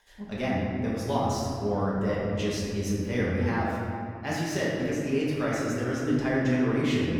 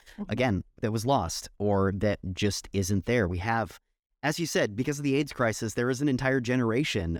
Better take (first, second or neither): second